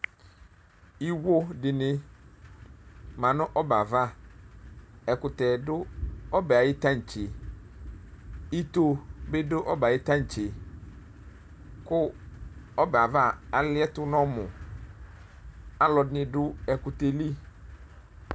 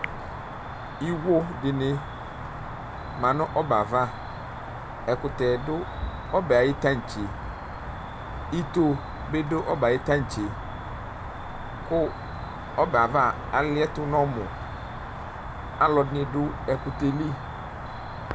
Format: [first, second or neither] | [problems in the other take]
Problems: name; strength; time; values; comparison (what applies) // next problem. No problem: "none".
first | background sound (Cricket); 9 dB below the speech